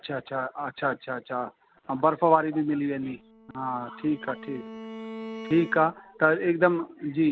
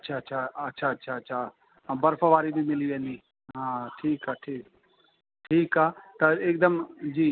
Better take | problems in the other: second | background sound (Bowed string instrument); 15 dB below the speech

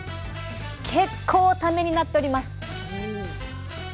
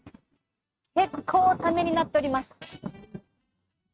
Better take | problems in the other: first | noise reduction (neural mask model RNNoise)

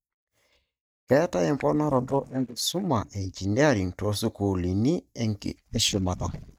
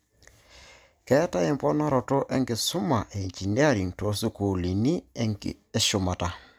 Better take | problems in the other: second | noise reduction (neural mask model DeepFilterNet 3)

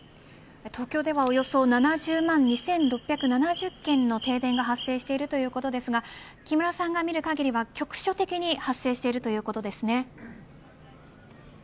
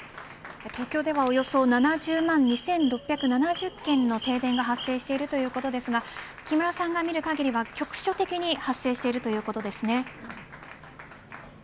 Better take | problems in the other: first | background sound (Applause); 17 dB below the speech

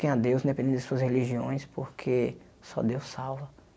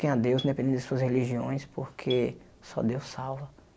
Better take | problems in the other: first | background sound (Marimba, xylophone); 19 dB below the speech

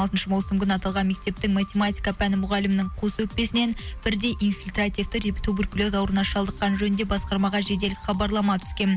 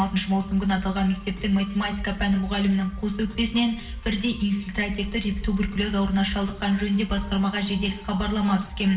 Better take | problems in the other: first | room echo; dies away in 1.1 s

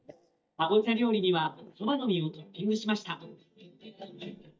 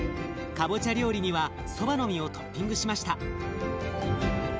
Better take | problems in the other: second | noise reduction (neural mask model DeepFilterNet 3)

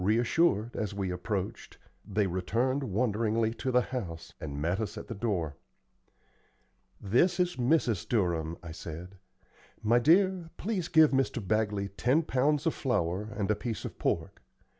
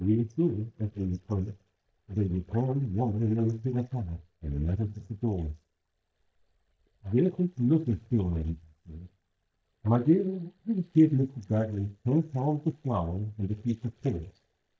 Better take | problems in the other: first | noise reduction (neural mask model DeepFilterNet 3)

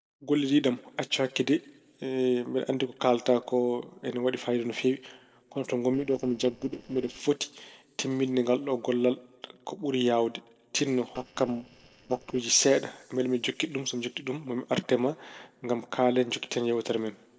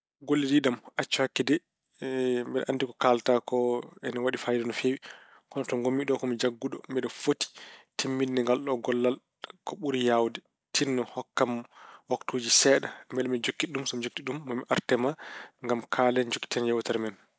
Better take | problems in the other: second | noise reduction (neural separator model SepFormer DNS4)

